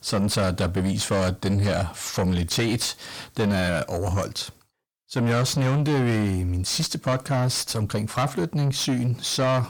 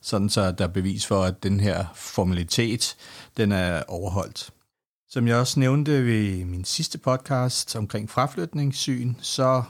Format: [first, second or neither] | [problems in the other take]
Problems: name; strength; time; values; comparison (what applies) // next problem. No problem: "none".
second | distortion; heavy; 7 dB below the speech